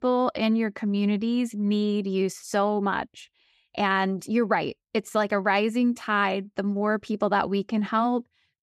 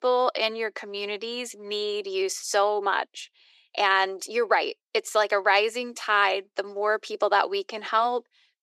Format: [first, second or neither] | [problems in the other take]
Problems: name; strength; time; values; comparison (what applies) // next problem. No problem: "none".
first | thin; very; fading below 350 Hz